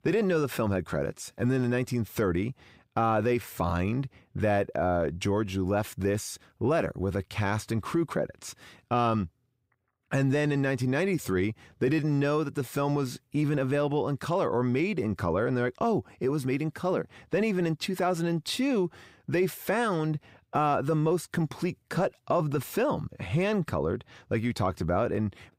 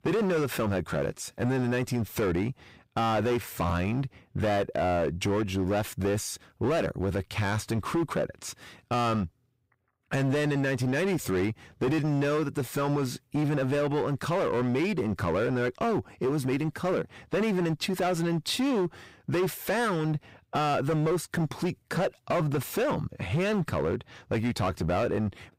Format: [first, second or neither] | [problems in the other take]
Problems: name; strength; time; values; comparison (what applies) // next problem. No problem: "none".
first | distortion; slight; 16% of the sound clipped